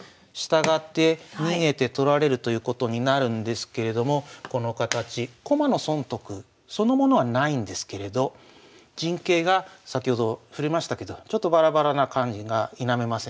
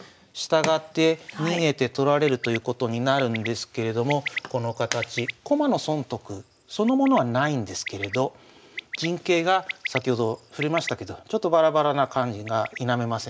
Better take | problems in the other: first | background sound (Bird); 15 dB below the speech

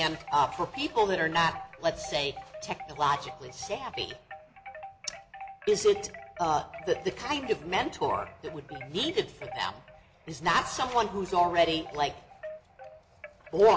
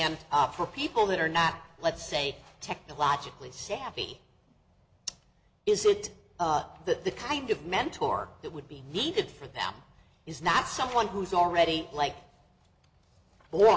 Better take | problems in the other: second | background sound (Wind chime); 16 dB below the speech

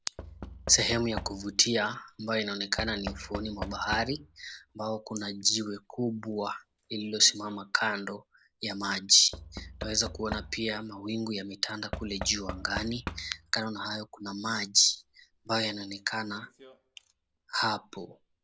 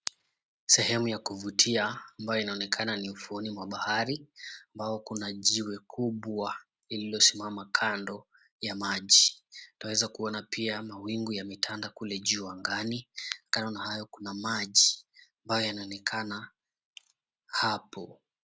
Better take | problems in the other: second | background sound (Knock / Wood); 14 dB below the speech

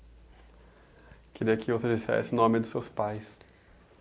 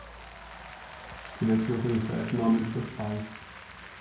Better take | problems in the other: first | background sound (Applause); 14 dB below the speech // room echo; dies away in 0.6 s

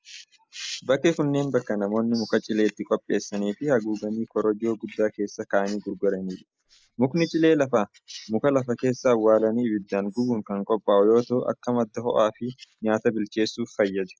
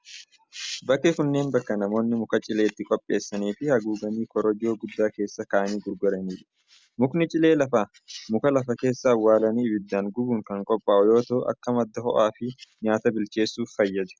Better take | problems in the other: second | noise reduction (neural mask model Resemble Enhance denoiser)

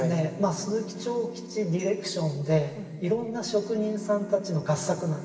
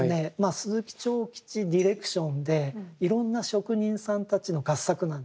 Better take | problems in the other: second | background sound (Bowed string instrument); 15 dB below the speech // room echo; dies away in 2.3 s

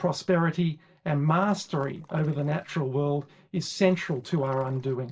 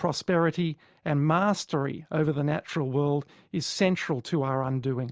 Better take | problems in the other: second | noise reduction (neural separator model SepFormer DNS4)

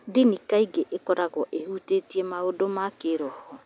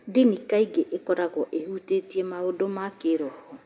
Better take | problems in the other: first | room echo; dies away in 0.7 s

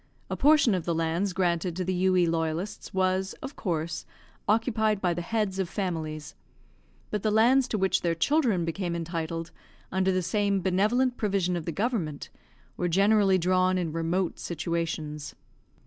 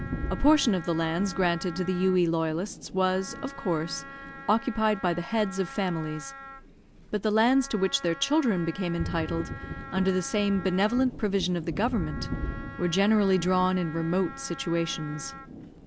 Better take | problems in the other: first | background sound (Wind instrument, woodwind instrument + Thunder); 11 dB below the speech

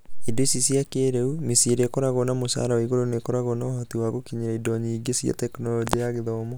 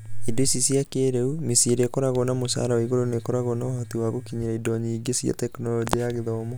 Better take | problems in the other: first | background sound (Domestic sounds, home sounds); 20 dB below the speech

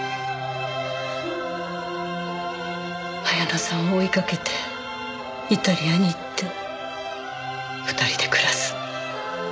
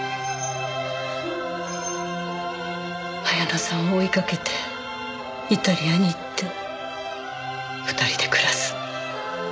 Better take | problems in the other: first | background sound (Bell); 14 dB below the speech

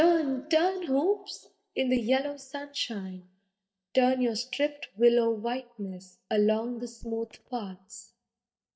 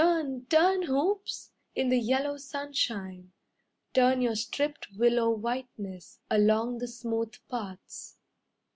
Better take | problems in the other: second | noise reduction (neural mask model DeepFilterNet 3)

